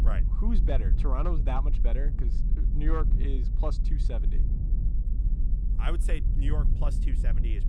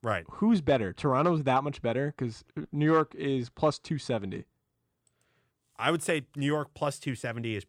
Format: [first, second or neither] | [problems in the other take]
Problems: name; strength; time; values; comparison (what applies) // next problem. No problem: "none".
second | low rumble; loud; throughout; 8 dB below the speech